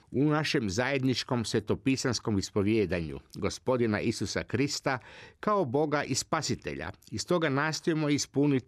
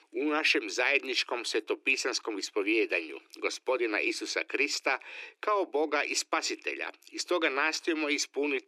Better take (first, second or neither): first